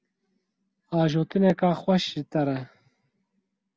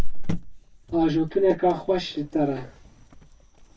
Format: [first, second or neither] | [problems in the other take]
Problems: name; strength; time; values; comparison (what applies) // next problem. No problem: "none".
first | background sound (Cricket); 1 dB below the speech // room echo; dies away in 0.1 s